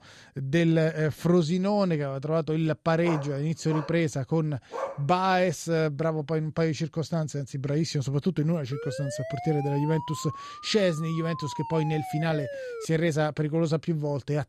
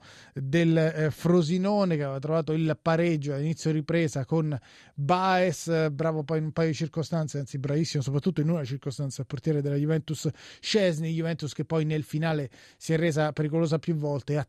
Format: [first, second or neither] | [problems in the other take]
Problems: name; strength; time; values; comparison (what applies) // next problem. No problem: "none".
second | dog barking; noticeable; from 3 to 5 s; peak 8 dB below the speech // siren; noticeable; from 8.5 to 13 s; peak 9 dB below the speech